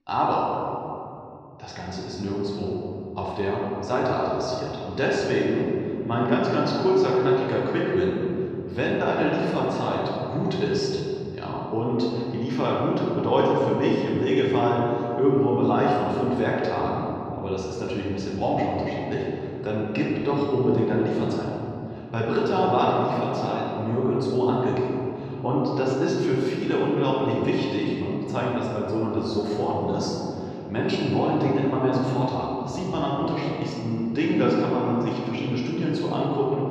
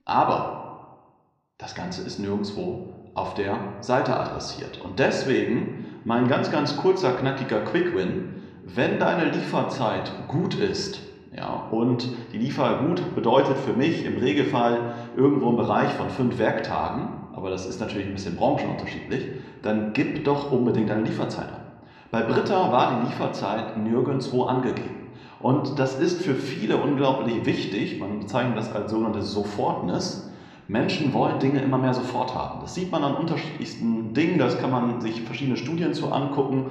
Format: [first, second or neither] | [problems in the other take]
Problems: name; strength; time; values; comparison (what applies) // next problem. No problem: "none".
second | room echo; strong; dies away in 3 s; slight in the second // off-mic speech; far